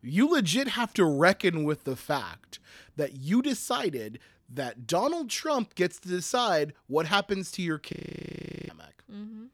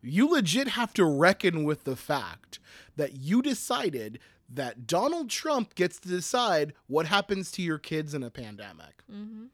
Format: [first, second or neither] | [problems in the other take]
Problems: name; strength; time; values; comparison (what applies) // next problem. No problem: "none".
second | audio freezing; at 8 s for 1 s